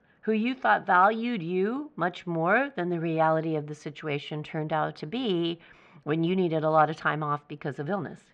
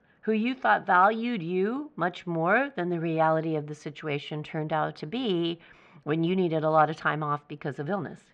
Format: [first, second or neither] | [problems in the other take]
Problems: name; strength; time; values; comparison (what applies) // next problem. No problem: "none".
neither | muffled; very; fading above 2.5 kHz; the same in both